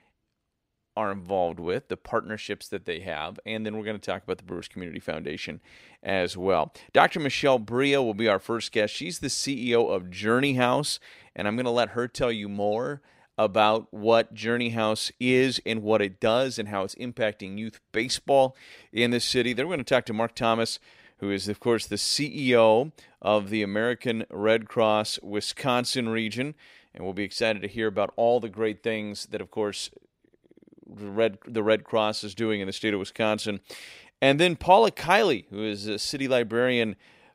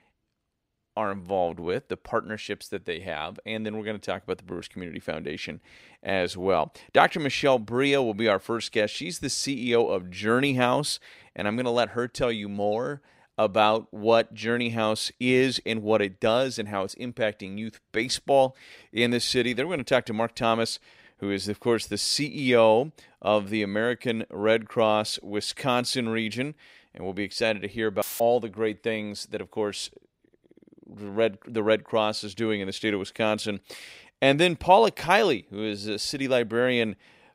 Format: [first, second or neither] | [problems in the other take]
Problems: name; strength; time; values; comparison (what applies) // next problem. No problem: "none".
first | audio cutting out; filled with static; at 28 s